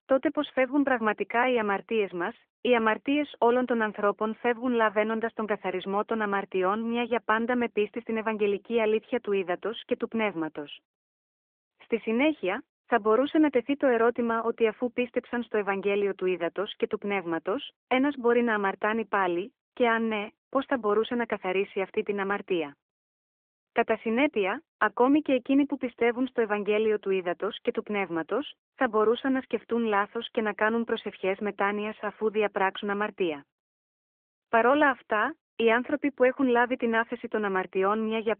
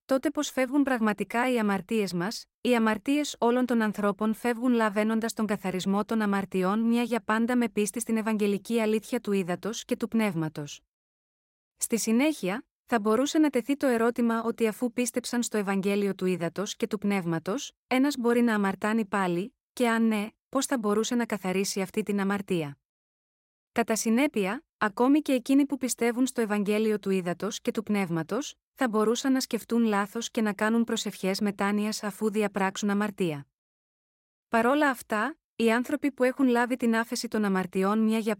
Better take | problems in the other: second | phone-call audio; nothing above 3.5 kHz

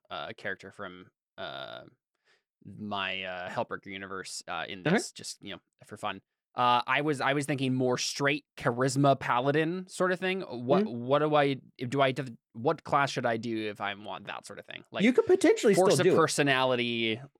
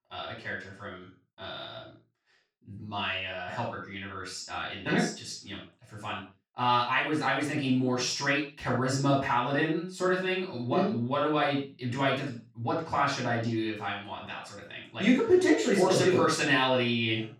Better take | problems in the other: first | room echo; noticeable; dies away in 0.3 s // off-mic speech; far

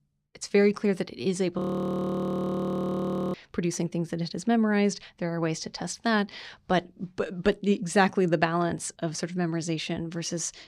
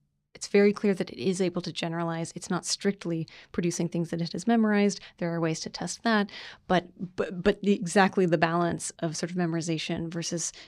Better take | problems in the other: second | audio freezing; at 1.5 s for 1.5 s

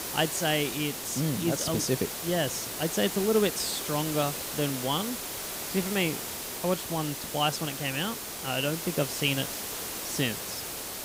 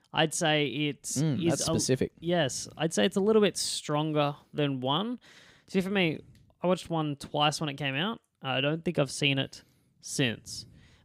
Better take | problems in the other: second | hiss; loud; throughout; 4 dB below the speech

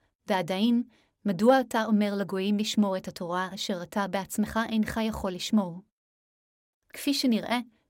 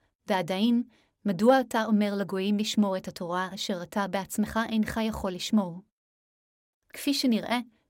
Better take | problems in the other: neither | none

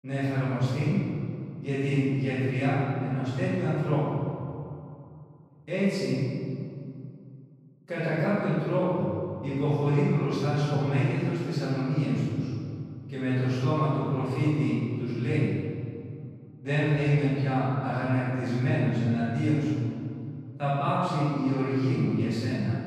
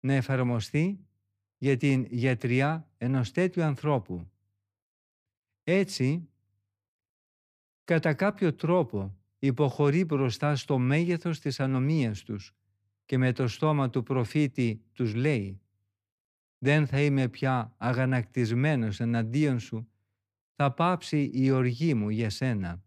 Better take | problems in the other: second | room echo; strong; dies away in 2.2 s // off-mic speech; far

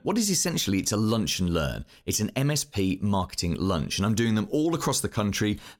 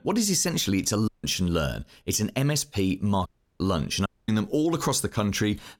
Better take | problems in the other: first | audio cutting out; at 1 s, at 3.5 s and at 4 s

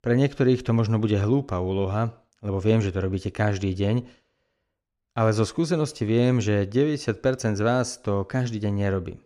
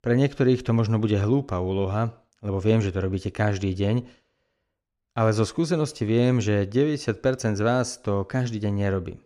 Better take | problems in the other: neither | none

